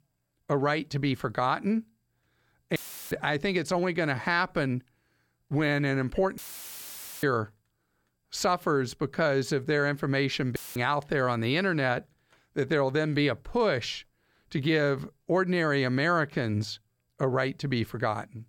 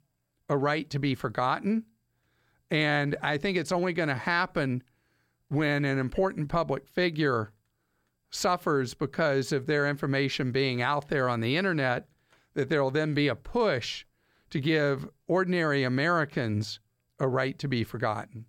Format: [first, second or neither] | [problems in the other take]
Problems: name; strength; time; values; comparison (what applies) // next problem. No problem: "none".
second | audio cutting out; filled with static; at 3 s, at 6.5 s for 1 s and at 11 s